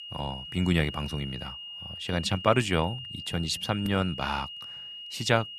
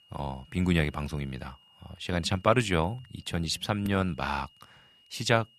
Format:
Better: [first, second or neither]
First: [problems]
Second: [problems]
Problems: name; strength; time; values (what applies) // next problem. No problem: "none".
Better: second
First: high-pitched whine; loud; throughout; 3 kHz, 10 dB below the speech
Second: high-pitched whine; faint; throughout; 3 kHz, 30 dB below the speech